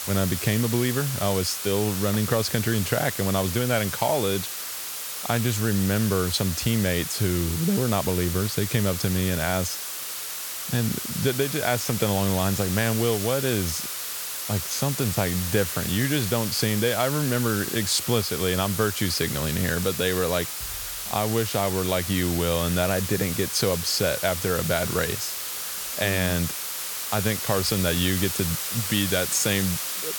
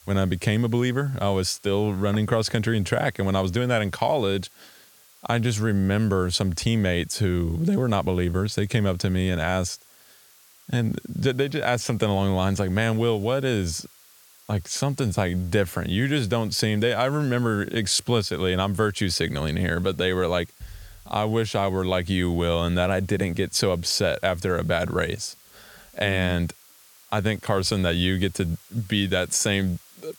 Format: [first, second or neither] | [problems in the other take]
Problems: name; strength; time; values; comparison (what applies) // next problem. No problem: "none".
second | hiss; loud; throughout; 4 dB below the speech; faint in the second